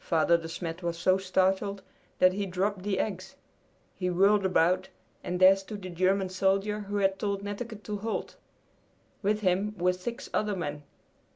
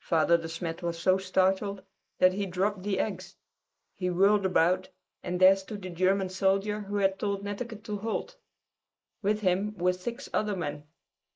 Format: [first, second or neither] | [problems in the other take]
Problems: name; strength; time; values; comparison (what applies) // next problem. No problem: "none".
first | noise reduction (neural mask model Resemble Enhance denoiser)